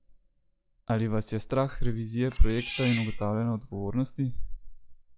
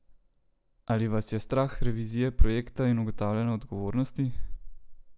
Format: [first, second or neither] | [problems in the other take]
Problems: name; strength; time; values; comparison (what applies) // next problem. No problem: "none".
second | noise reduction (classical method log-MMSE)